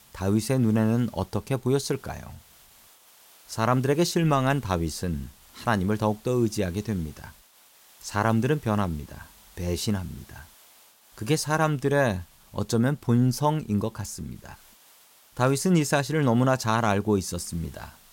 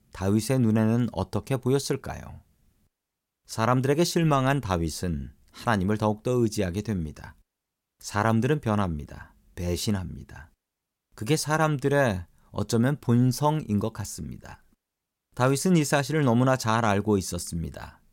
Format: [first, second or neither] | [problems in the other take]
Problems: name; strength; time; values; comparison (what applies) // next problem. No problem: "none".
second | hiss; faint; throughout; 25 dB below the speech